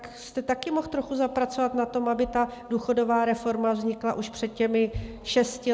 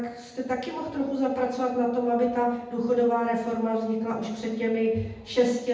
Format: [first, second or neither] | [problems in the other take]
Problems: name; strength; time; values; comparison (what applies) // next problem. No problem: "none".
first | room echo; dies away in 0.8 s